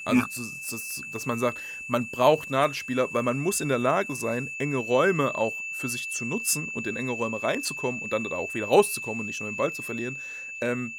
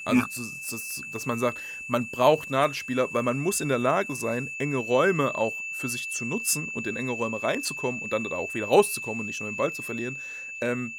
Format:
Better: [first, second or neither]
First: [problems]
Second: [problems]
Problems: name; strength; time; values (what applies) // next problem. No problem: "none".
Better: neither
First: high-pitched whine; loud; throughout; 2.5 kHz, 6 dB below the speech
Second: high-pitched whine; loud; throughout; 2.5 kHz, 6 dB below the speech